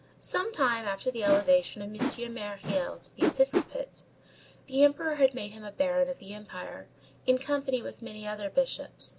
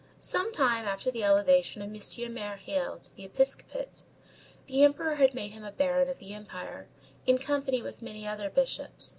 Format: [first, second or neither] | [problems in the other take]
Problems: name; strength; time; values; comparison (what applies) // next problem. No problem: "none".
second | background sound (Whoosh, swoosh, swish); 4 dB below the speech